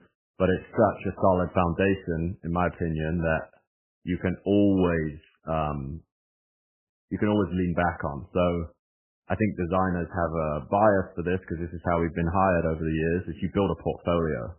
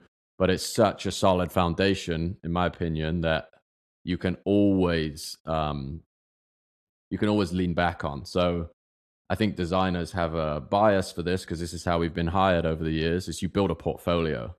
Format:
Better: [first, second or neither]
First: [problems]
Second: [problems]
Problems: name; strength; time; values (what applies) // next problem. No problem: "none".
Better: second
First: garbled, watery; badly; nothing above 3 kHz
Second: none